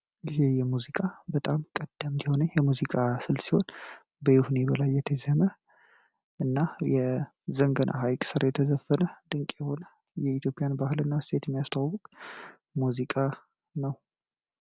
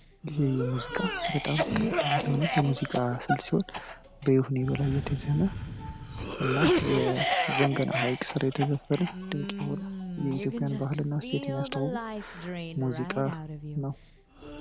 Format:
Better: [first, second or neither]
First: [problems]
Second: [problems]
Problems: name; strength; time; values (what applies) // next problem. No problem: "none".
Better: first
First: none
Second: background sound (Cough); 3 dB below the speech